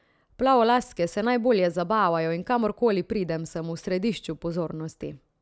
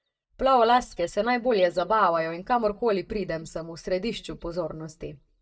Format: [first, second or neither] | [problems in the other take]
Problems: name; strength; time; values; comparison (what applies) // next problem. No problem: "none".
first | noise reduction (neural mask model DeepFilterNet 3)